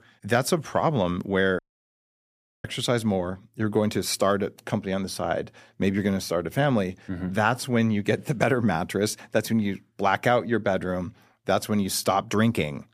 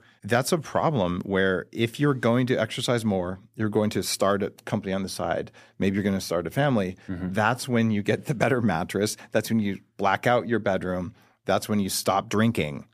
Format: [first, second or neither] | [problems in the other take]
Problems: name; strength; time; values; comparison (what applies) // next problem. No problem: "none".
second | audio cutting out; at 1.5 s for 1 s